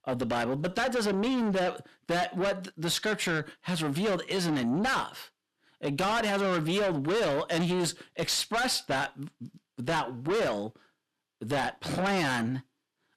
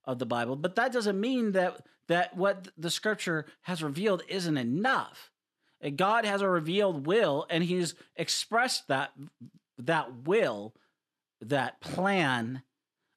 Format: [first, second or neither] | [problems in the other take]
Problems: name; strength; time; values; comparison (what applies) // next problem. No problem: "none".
second | distortion; heavy; 6 dB below the speech